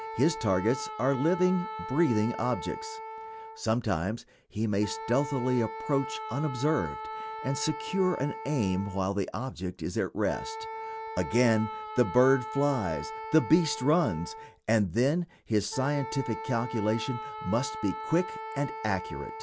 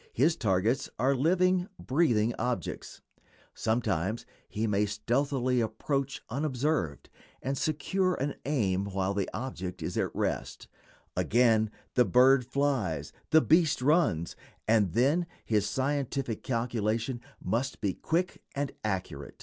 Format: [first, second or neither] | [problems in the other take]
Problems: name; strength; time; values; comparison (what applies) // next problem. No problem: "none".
second | background sound (Wind instrument, woodwind instrument); 10 dB below the speech